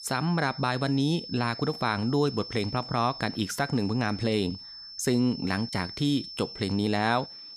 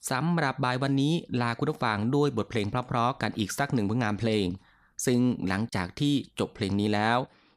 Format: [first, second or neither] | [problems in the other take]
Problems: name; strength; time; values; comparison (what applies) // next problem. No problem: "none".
second | high-pitched whine; noticeable; throughout; 5.5 kHz, 10 dB below the speech